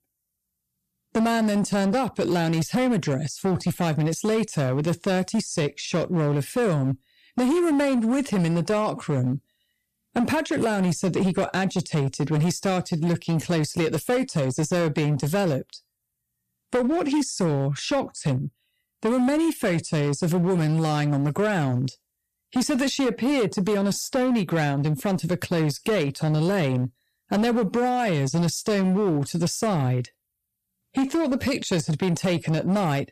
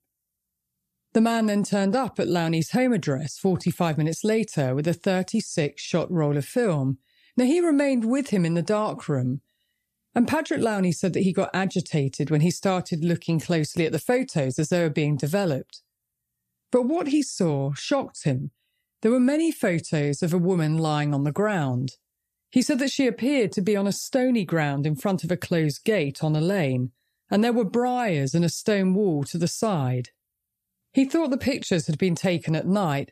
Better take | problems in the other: second | distortion; slight; 16% of the sound clipped

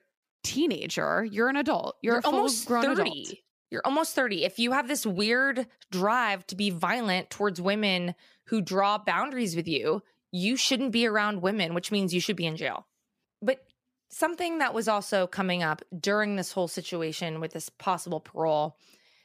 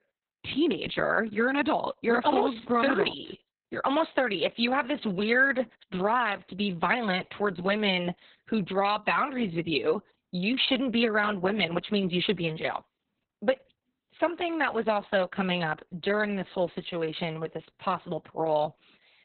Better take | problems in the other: first | garbled, watery; badly; nothing above 4 kHz

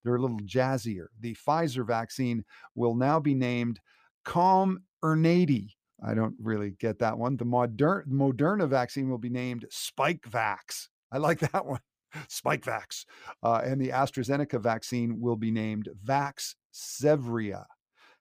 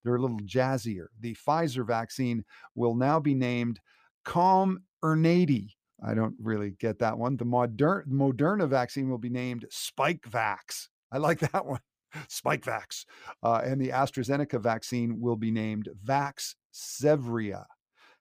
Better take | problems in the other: neither | none

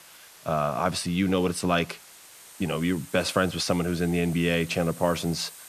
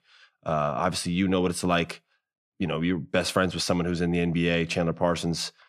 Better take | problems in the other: second | hiss; noticeable; throughout; 20 dB below the speech

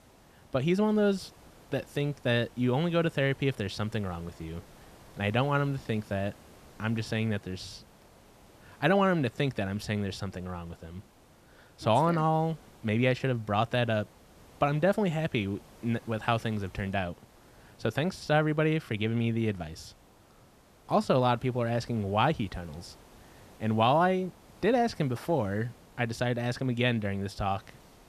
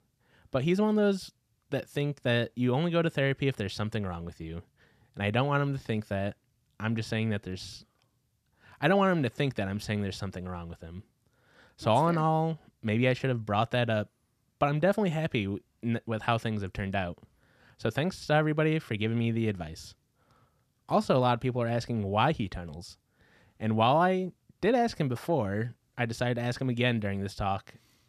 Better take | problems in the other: second | hiss; faint; throughout; 25 dB below the speech

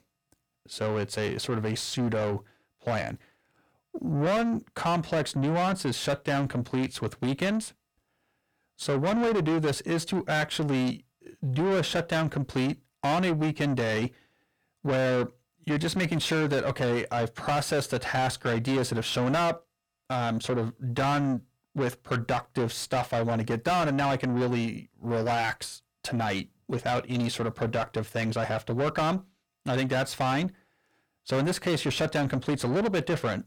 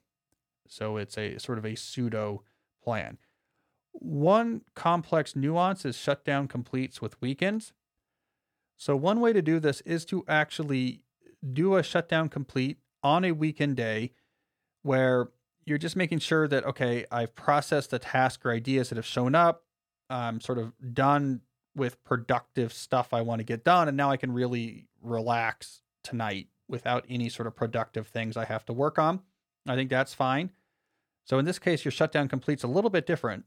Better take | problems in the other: second | distortion; heavy; 6 dB below the speech

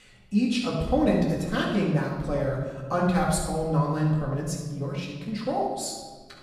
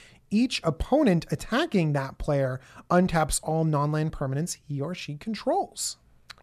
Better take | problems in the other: second | off-mic speech; far // room echo; noticeable; dies away in 1.1 s

